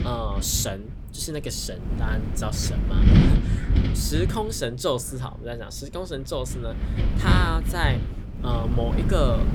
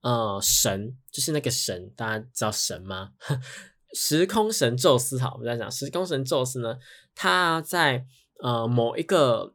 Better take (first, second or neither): second